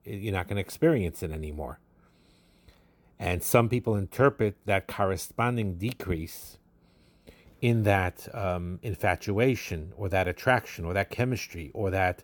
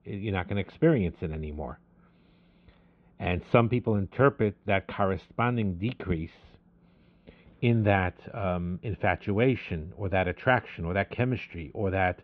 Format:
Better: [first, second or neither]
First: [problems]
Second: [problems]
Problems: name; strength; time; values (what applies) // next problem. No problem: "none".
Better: first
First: none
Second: muffled; very; fading above 3.5 kHz